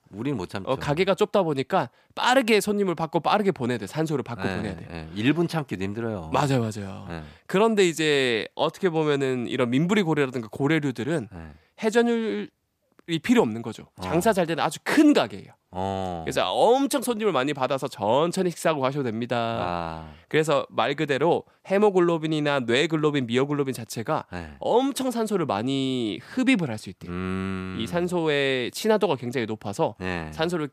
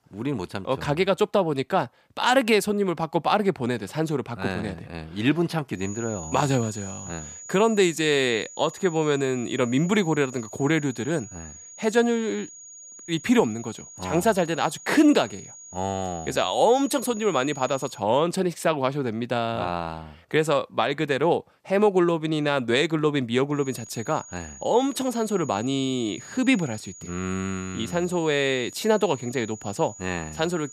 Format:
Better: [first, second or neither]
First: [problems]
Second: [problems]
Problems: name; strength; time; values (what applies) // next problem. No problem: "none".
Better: first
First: none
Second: high-pitched whine; noticeable; from 6 to 18 s and from 24 s on; 6.5 kHz, 15 dB below the speech